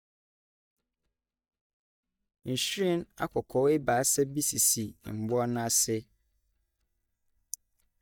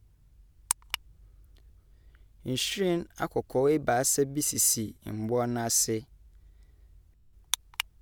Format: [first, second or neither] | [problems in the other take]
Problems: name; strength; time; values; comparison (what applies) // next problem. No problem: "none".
second | noise reduction (neural mask model DeepFilterNet 3)